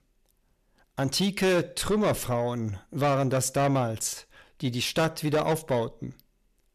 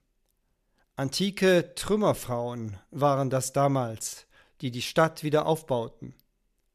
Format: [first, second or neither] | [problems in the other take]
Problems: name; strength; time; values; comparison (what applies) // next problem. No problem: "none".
second | distortion; heavy; 8 dB below the speech